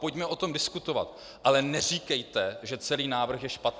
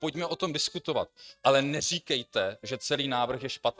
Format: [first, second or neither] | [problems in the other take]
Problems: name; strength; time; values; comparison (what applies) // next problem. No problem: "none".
first | noise reduction (neural mask model RNNoise)